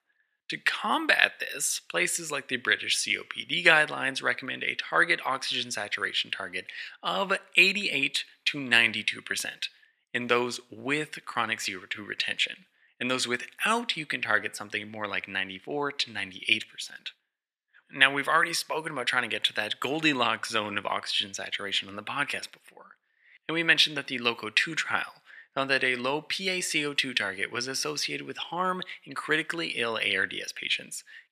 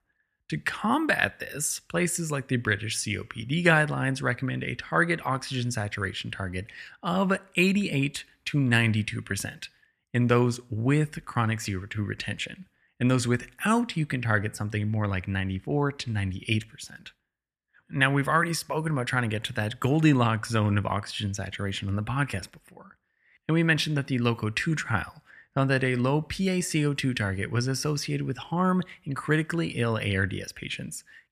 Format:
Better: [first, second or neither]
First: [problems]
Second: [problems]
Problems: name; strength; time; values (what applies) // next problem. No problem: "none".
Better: second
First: thin; somewhat; fading below 400 Hz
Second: none